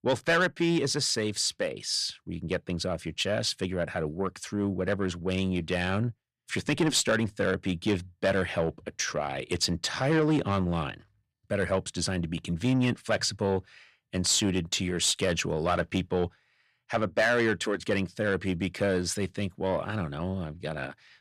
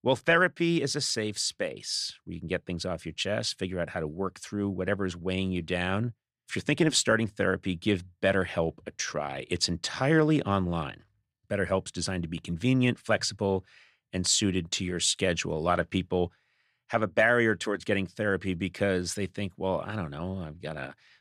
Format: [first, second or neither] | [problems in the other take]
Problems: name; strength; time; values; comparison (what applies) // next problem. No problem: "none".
second | distortion; slight; 10 dB below the speech